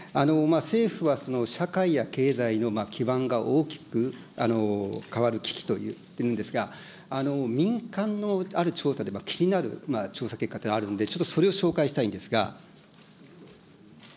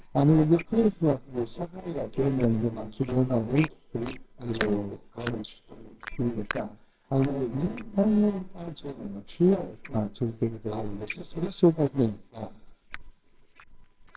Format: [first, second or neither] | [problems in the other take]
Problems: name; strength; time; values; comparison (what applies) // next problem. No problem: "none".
first | noise reduction (neural separator model SepFormer WHAMR!)